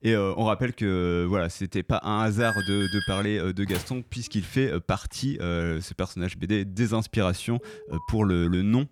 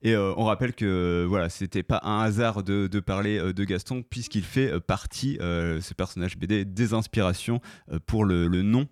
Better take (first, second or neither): second